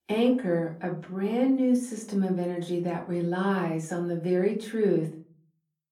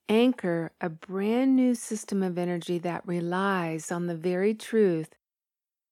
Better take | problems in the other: second | off-mic speech; far // room echo; very slight; dies away in 0.4 s

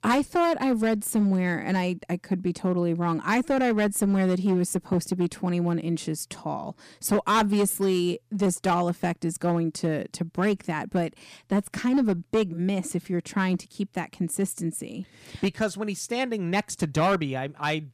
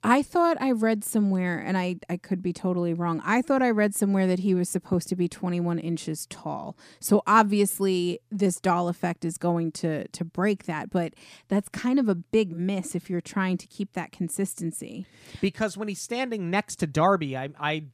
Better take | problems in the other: second | distortion; slight; 5% of the sound clipped

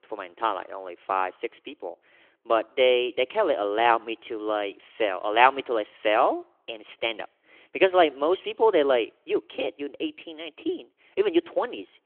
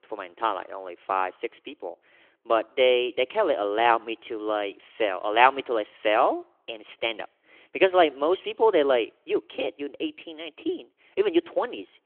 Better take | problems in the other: neither | phone-call audio; nothing above 3.5 kHz; the same in both

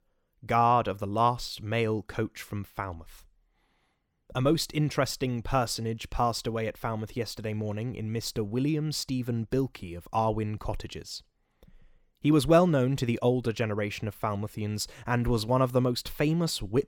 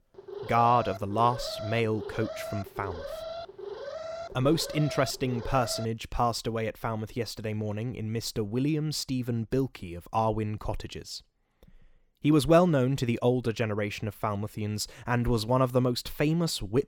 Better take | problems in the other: first | alarm; noticeable; until 6 s; peak 9 dB below the speech

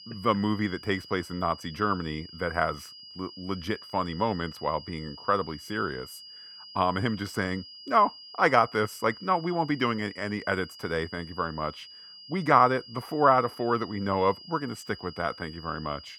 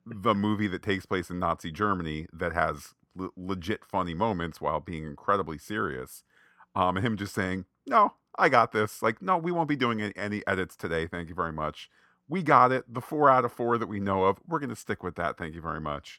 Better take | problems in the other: second | high-pitched whine; noticeable; throughout; 5 kHz, 15 dB below the speech

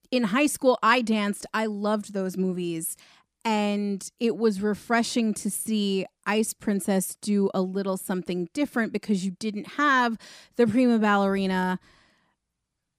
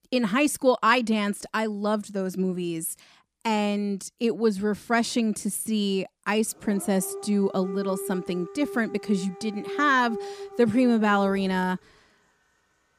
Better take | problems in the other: first | dog barking; noticeable; from 6.5 to 12 s; peak 8 dB below the speech

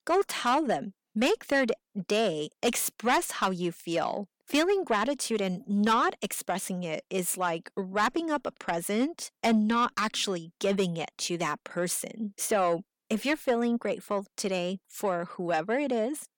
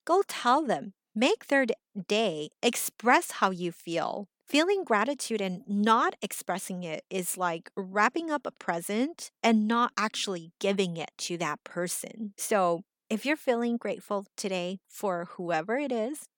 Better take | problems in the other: second | distortion; slight; 10 dB below the speech

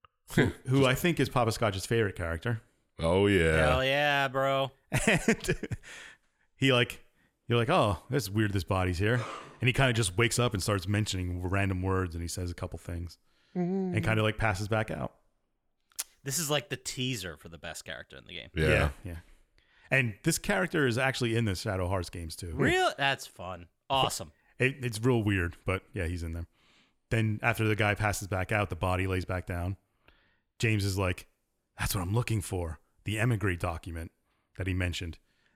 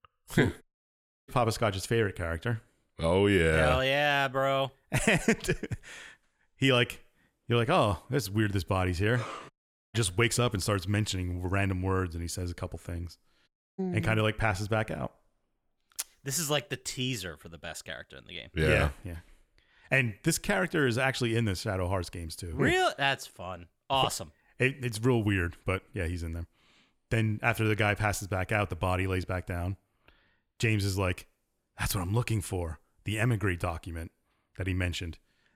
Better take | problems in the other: first | audio cutting out; at 0.5 s for 0.5 s, at 9.5 s and at 13 s

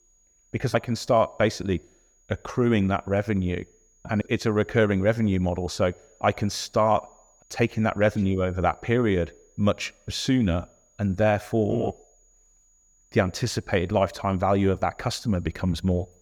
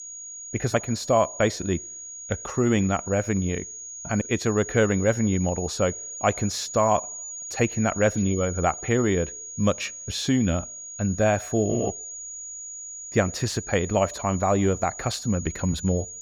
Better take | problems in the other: first | high-pitched whine; loud; throughout; 6.5 kHz, 10 dB below the speech; faint in the first

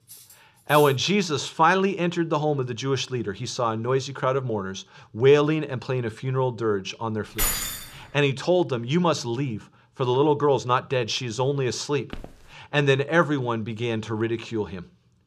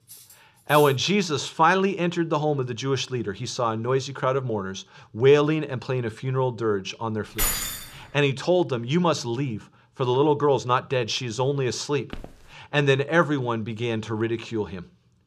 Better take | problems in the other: neither | clattering dishes; faint; at the start; peak 15 dB below the speech; the same in both // jangling keys; loud; at 7.5 s; peak level with the speech; the same in both // footsteps; faint; at 12 s; peak 20 dB below the speech; the same in both

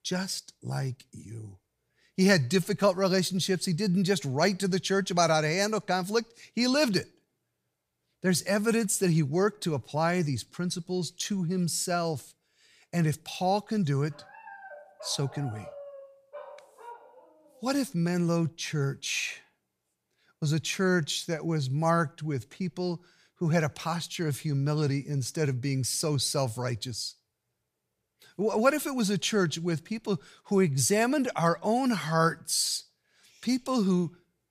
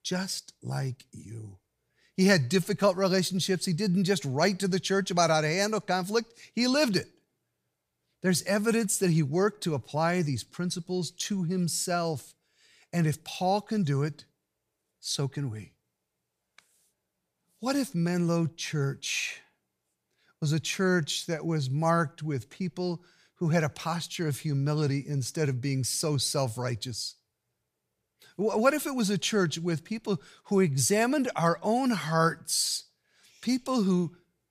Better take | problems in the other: second | dog barking; faint; from 14 to 18 s; peak 15 dB below the speech

